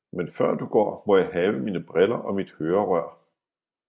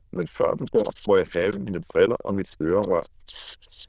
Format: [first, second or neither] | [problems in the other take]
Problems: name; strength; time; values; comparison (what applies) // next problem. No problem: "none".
first | noise reduction (neural diffusion model UNIVERSE++)